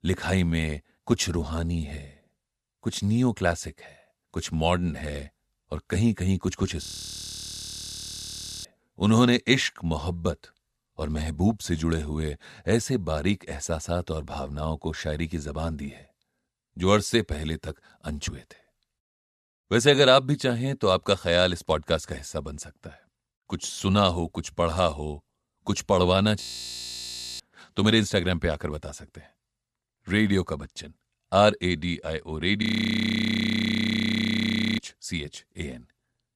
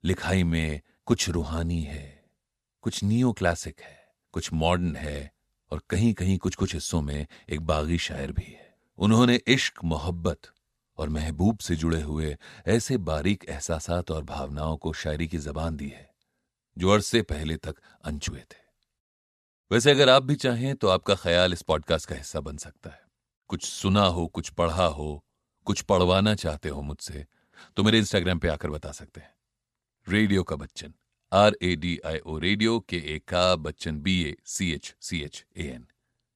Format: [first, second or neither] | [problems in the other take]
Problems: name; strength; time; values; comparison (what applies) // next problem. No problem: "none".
second | audio freezing; at 7 s for 2 s, at 26 s for 1 s and at 33 s for 2 s